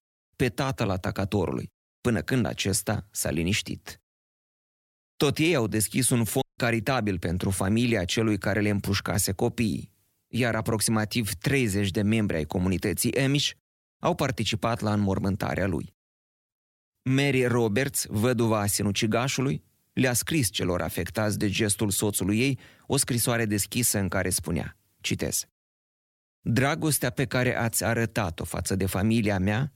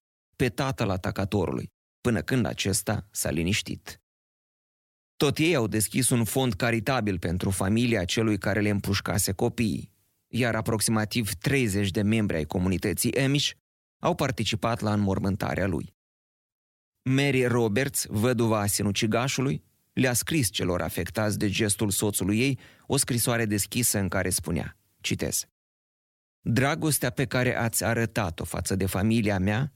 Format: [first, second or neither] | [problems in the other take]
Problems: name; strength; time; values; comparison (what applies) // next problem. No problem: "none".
second | audio cutting out; at 6.5 s